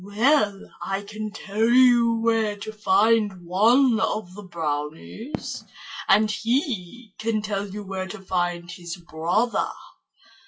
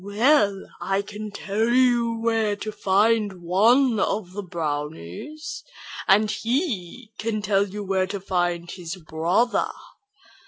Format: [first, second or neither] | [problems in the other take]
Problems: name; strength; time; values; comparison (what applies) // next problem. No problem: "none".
second | noise reduction (classical method WPE with log-MMSE)